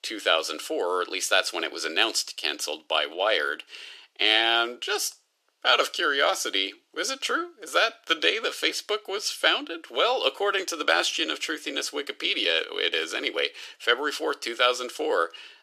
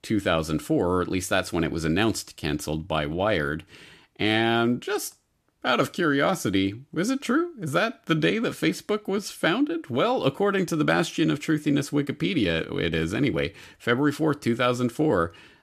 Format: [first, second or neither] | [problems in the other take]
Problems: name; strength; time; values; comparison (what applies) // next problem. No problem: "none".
second | thin; very; fading below 400 Hz